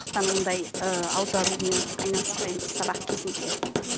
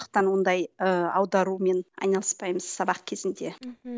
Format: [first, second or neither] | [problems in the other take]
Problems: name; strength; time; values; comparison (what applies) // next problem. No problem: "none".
second | background sound (Writing); as loud as the speech